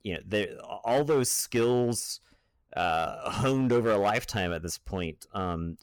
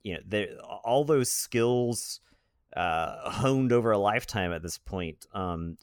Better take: second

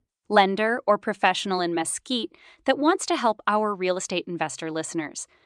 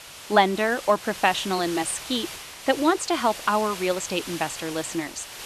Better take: first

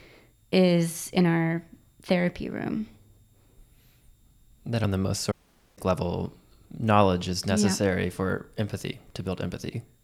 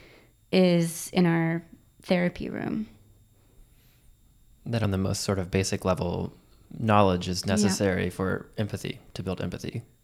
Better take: second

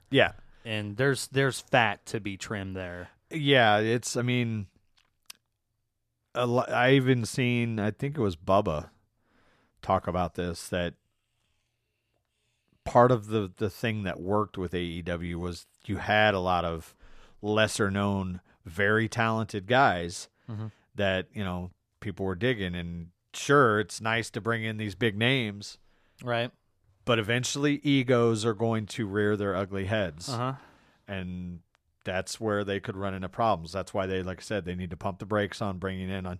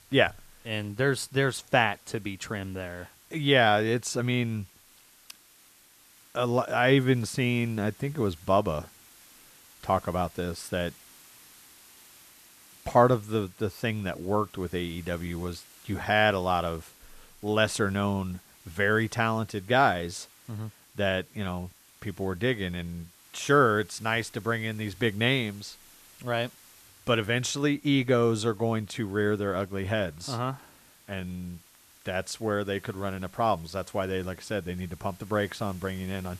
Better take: first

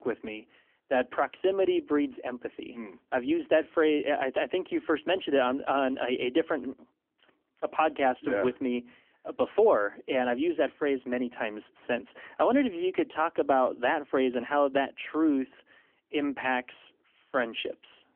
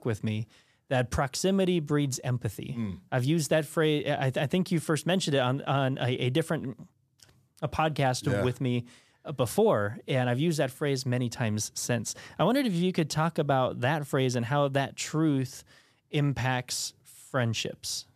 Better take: second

